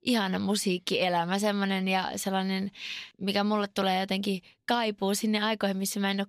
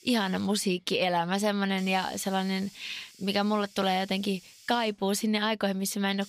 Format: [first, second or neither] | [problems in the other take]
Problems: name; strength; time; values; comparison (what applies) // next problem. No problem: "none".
first | hiss; faint; throughout; 20 dB below the speech